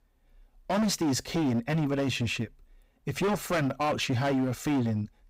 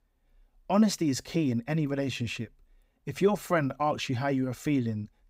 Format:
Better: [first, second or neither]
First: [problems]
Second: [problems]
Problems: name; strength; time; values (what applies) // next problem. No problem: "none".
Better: second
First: distortion; heavy; 17% of the sound clipped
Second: none